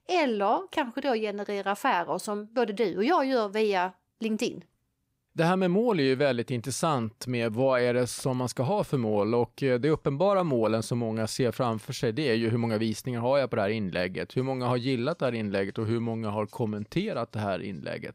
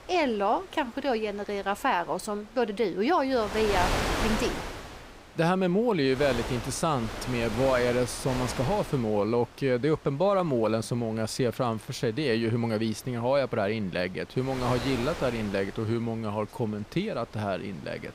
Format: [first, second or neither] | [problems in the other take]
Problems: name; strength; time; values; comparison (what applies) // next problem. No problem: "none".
first | wind noise on the microphone; heavy; 6 dB below the speech